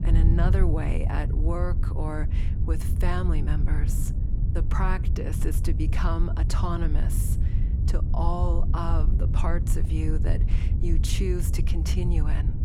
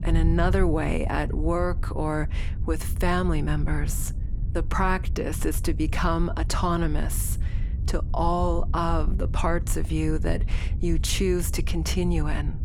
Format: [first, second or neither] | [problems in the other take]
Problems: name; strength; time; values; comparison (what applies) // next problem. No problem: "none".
second | wind noise on the microphone; heavy; 7 dB below the speech; occasional gusts in the second